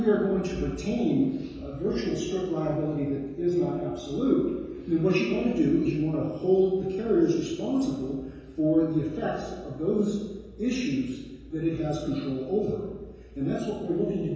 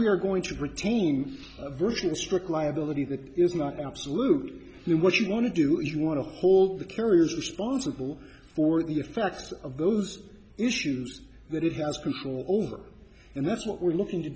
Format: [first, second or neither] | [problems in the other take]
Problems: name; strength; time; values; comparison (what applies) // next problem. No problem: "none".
second | room echo; dies away in 1.2 s